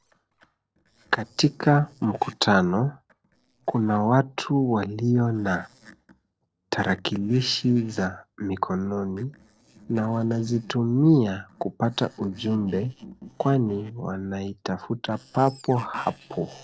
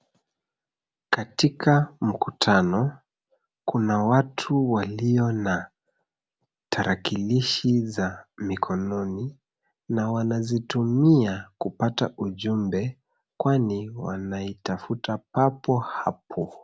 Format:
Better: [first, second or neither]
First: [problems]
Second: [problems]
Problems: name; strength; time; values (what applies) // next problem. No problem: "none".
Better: second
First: noise reduction (neural separator model SepFormer DNS4)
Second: none